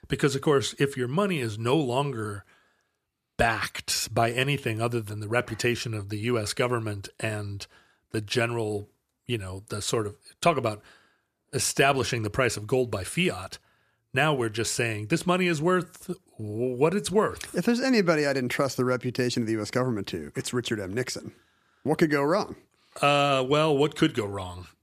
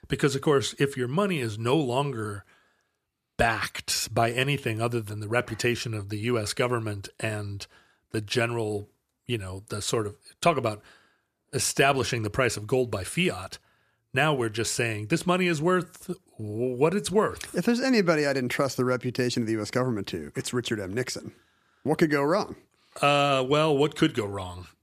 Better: neither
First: none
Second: none

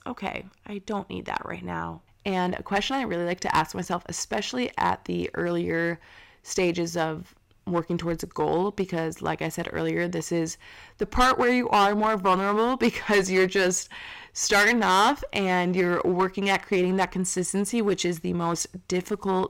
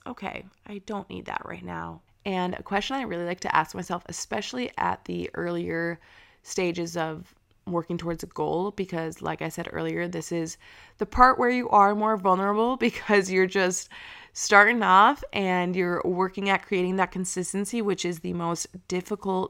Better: second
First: distortion; heavy; 5% of the sound clipped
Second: none

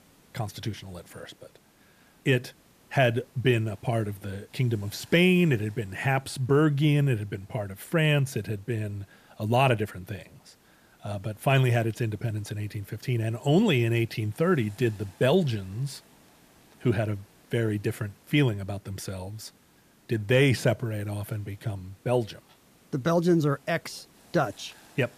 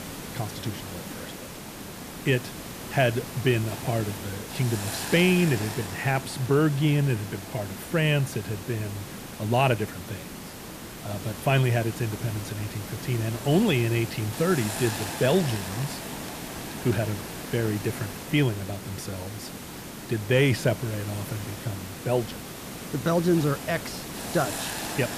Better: first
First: hiss; faint; throughout; 30 dB below the speech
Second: hiss; loud; throughout; 9 dB below the speech

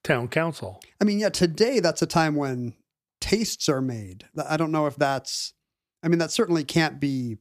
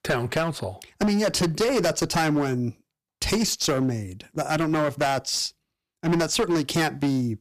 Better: first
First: none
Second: distortion; heavy; 13% of the sound clipped

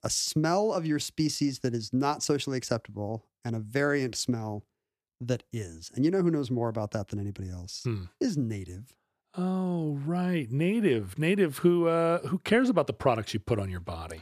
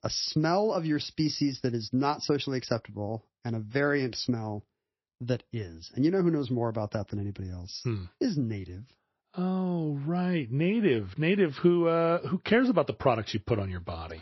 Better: first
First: none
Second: garbled, watery; slightly; nothing above 6 kHz

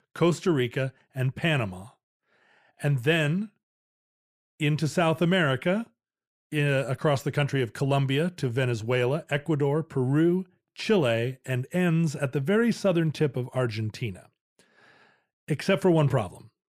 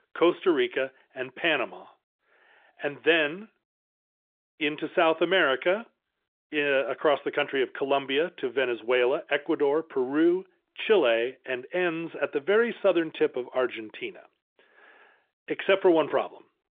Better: first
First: none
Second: phone-call audio; nothing above 3.5 kHz

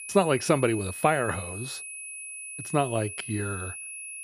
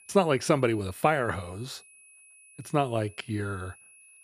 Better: second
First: high-pitched whine; loud; throughout; 2.5 kHz, 9 dB below the speech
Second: high-pitched whine; faint; throughout; 2.5 kHz, 25 dB below the speech

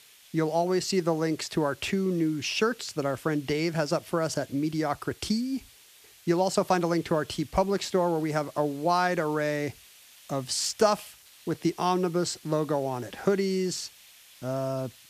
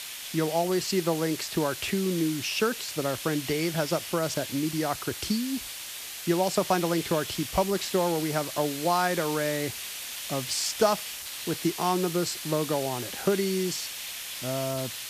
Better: first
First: hiss; faint; throughout; 25 dB below the speech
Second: hiss; loud; throughout; 6 dB below the speech

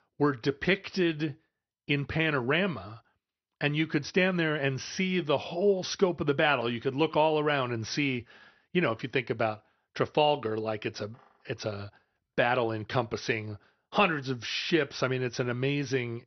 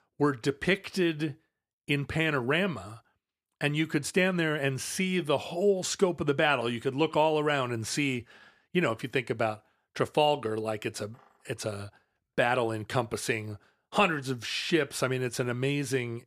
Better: second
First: garbled, watery; slightly; nothing above 6 kHz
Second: none

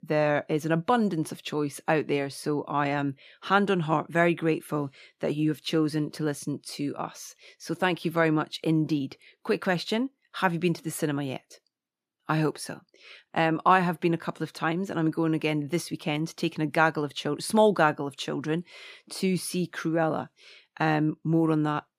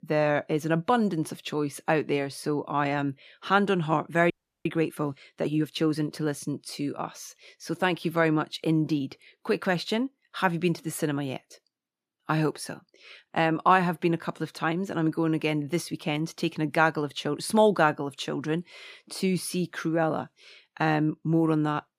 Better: first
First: none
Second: audio freezing; at 4.5 s

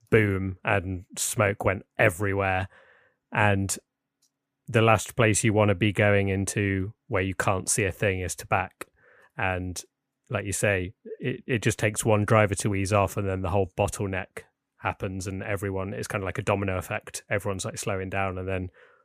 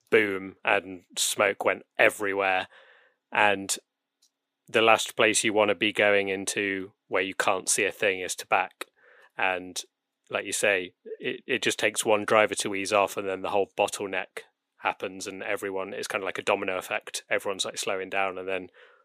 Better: first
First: none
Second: thin; somewhat; fading below 350 Hz

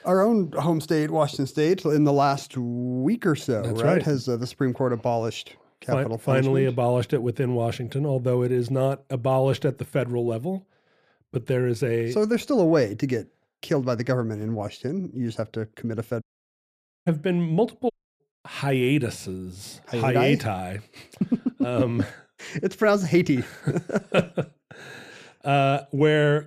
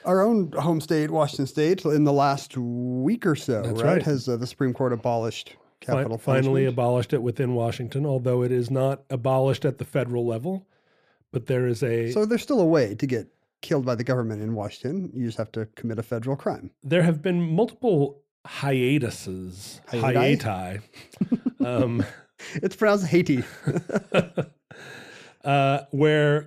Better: second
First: audio cutting out; at 16 s for 1 s and at 18 s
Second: none

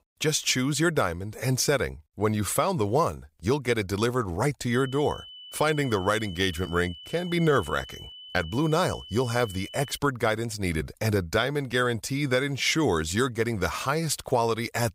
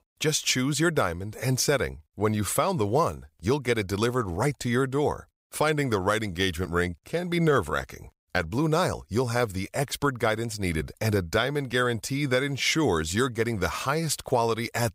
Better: second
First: high-pitched whine; noticeable; from 4.5 to 10 s; 3 kHz, 15 dB below the speech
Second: none

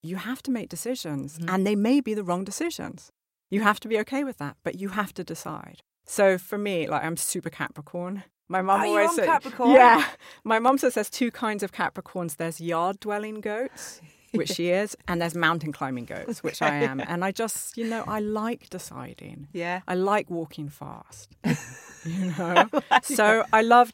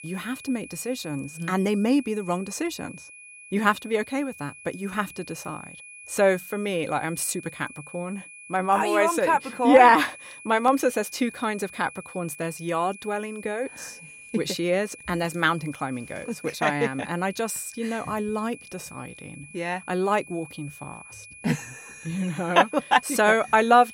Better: first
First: none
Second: high-pitched whine; noticeable; throughout; 2.5 kHz, 20 dB below the speech

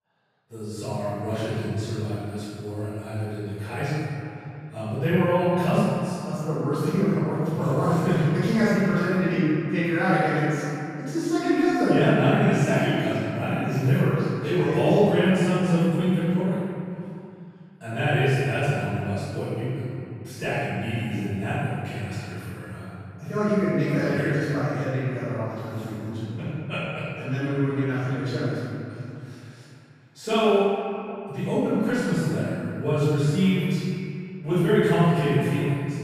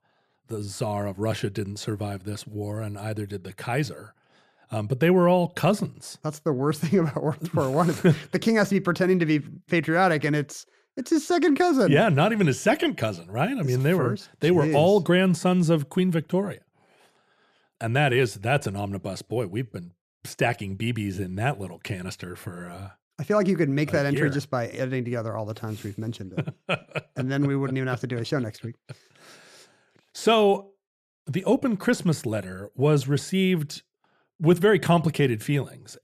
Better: second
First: room echo; strong; dies away in 2.5 s // off-mic speech; far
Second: none

